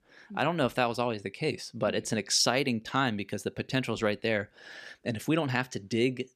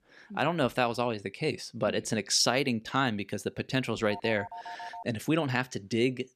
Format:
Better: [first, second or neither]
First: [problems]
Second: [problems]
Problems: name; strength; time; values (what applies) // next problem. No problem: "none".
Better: first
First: none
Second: phone ringing; faint; at 4 s; peak 15 dB below the speech